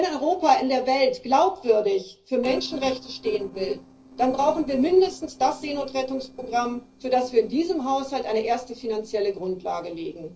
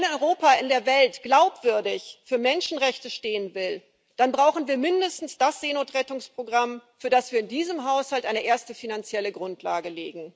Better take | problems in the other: second | noise reduction (neural separator model SepFormer DNS4)

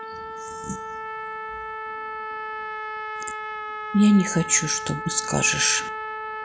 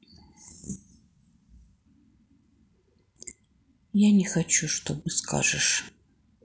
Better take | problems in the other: second | background sound (Trumpet); 7 dB below the speech

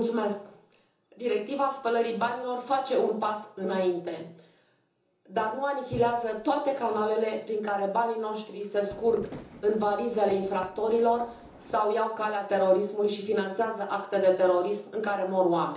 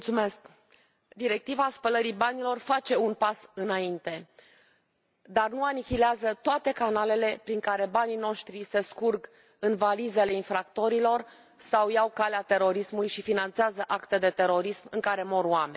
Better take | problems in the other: second | background sound (Fireworks); 19 dB below the speech // room echo; dies away in 0.6 s

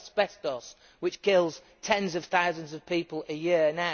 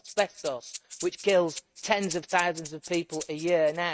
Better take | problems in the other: first | noise reduction (neural mask model RNNoise)

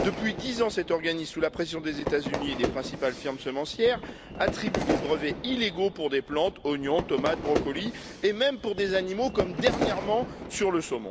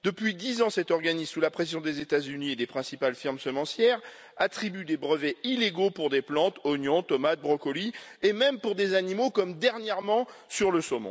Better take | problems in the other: second | background sound (Fire / Fireworks); 6 dB below the speech

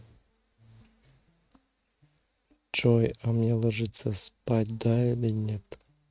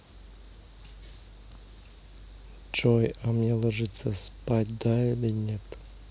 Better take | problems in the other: second | noise reduction (neural mask model RNNoise)

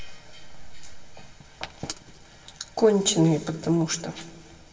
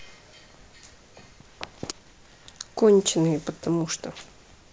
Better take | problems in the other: second | room echo; dies away in 1.9 s

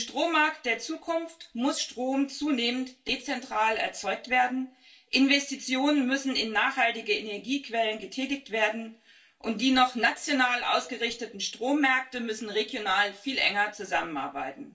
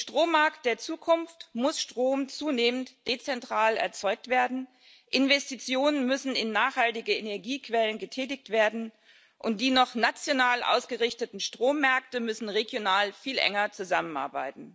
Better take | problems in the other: second | room echo; dies away in 0.2 s

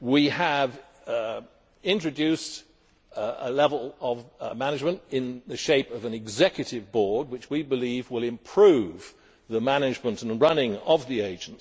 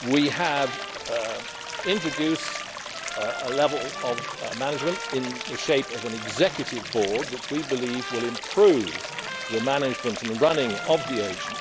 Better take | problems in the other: first | background sound (Trumpet + Stream); 7 dB below the speech

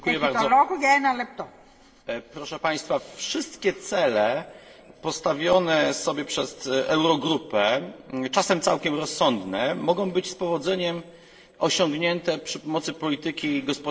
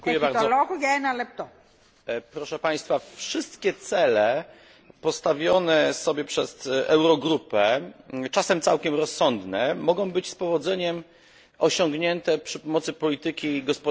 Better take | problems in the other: second | room echo; dies away in 2.8 s

